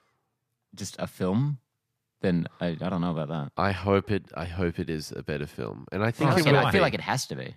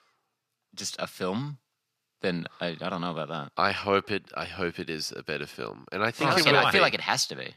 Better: first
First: none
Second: thin; somewhat; fading below 800 Hz

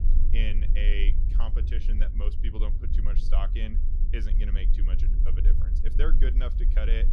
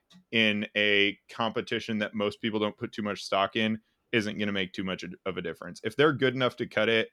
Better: second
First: low rumble; loud; throughout; 8 dB below the speech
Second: none

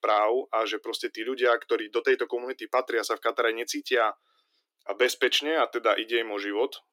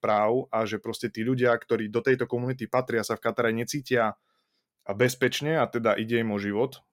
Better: second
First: thin; somewhat; fading below 300 Hz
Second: none

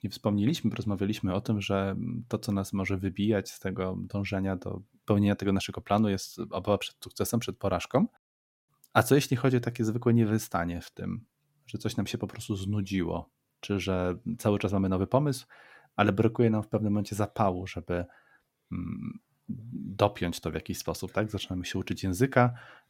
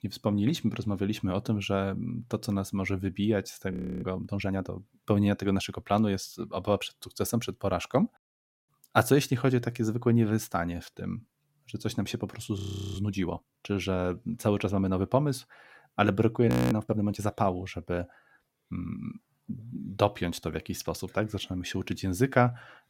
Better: first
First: none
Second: audio freezing; at 3.5 s, at 13 s and at 17 s

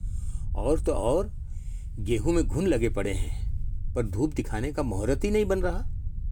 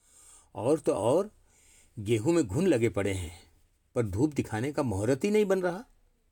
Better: second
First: low rumble; faint; throughout; 25 dB below the speech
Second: none

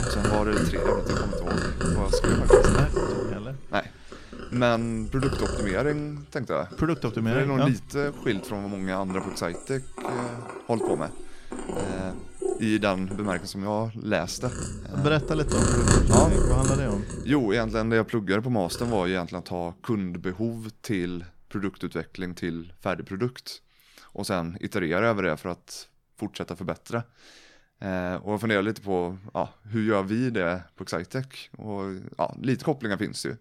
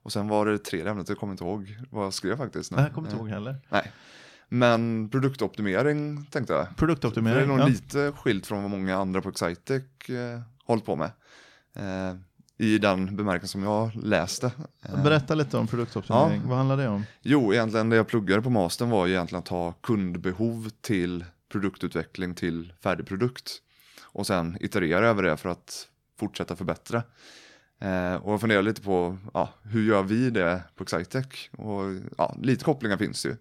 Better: second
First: animal sounds; very loud; throughout; 1 dB above the speech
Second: none

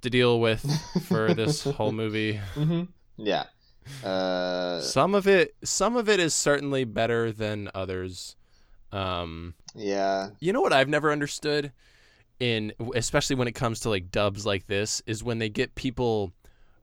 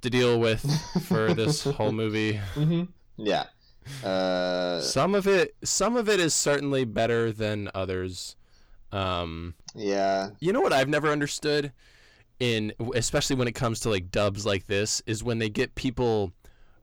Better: first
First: none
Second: distortion; slight; 10 dB below the speech

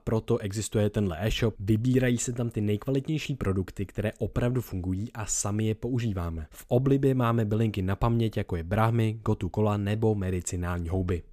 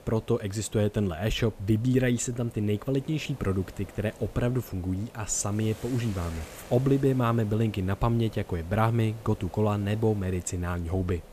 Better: first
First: none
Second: hiss; faint; throughout; 20 dB below the speech

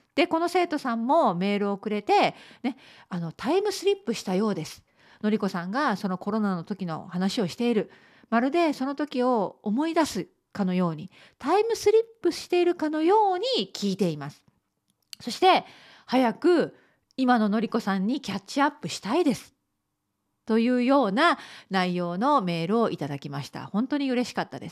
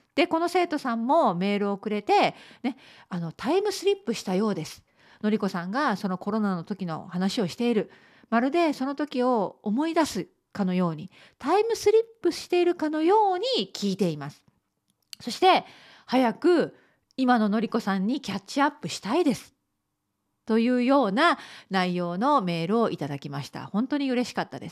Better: neither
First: none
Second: none

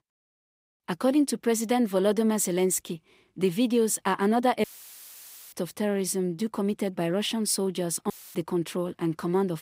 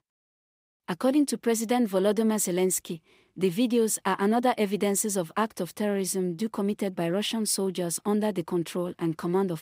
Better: second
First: audio cutting out; filled with static; at 4.5 s for 1 s and at 8 s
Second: none

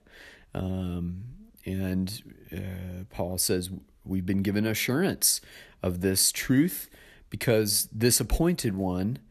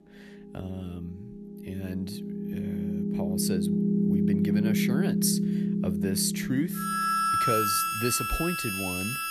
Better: first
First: none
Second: background music; very loud; throughout; 5 dB above the speech

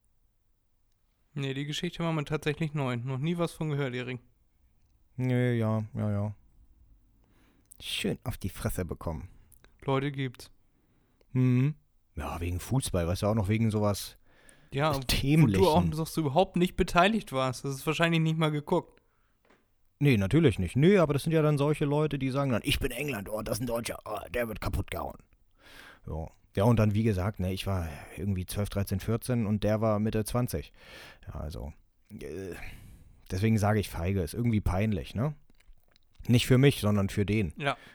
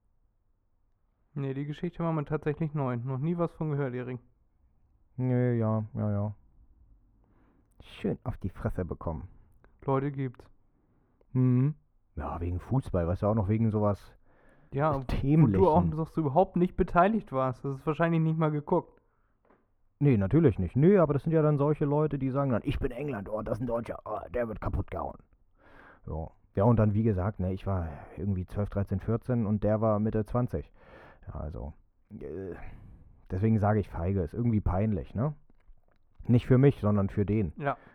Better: first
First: none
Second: muffled; very; fading above 2 kHz

